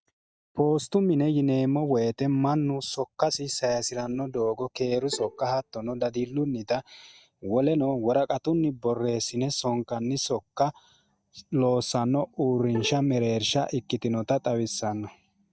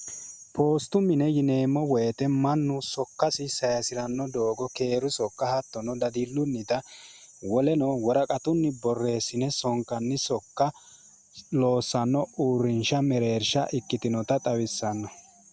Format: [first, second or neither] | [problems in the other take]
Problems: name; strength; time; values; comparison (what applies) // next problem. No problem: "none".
second | noise reduction (neural mask model DeepFilterNet 3)